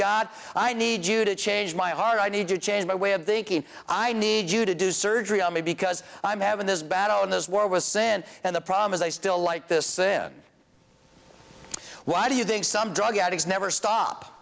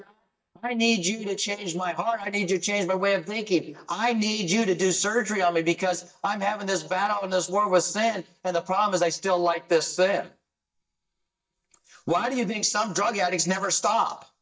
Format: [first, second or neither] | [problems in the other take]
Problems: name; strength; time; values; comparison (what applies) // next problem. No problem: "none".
first | noise reduction (neural mask model DeepFilterNet 3)